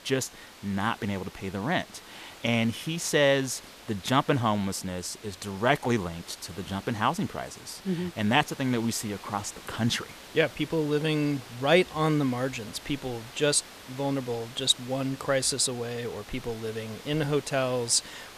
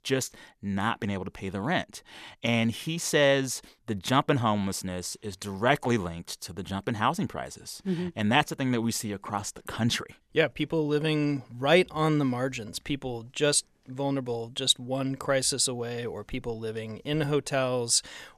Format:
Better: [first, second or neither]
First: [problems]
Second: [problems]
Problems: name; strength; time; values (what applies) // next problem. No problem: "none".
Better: second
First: hiss; noticeable; throughout; 15 dB below the speech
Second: none